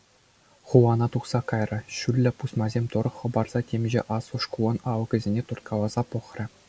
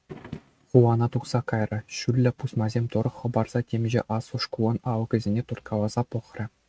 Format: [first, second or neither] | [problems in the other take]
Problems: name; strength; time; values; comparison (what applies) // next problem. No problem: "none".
first | noise reduction (neural mask model RNNoise)